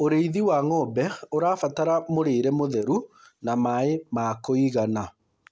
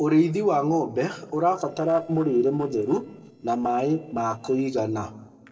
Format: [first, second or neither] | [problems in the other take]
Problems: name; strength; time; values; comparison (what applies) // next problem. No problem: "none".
first | noise reduction (neural separator model SepFormer DNS4)